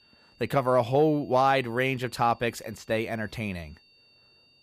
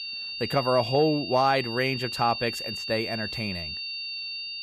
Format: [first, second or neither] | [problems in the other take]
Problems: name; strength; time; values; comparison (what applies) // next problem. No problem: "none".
first | high-pitched whine; loud; throughout; 4.5 kHz, 6 dB below the speech; faint in the first